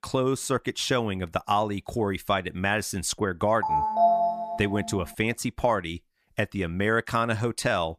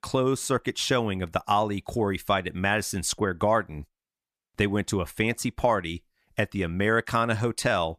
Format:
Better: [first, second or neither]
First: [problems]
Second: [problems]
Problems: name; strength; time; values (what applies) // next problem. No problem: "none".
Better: second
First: phone ringing; loud; from 3.5 to 5 s; peak 5 dB above the speech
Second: none